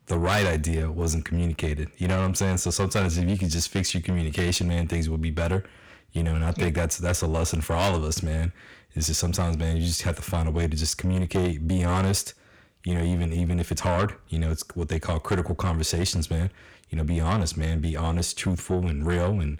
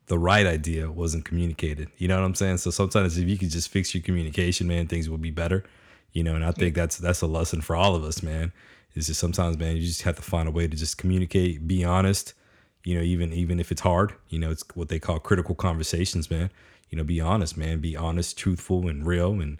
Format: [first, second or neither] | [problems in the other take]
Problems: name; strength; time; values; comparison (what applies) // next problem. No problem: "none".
second | distortion; heavy; 7 dB below the speech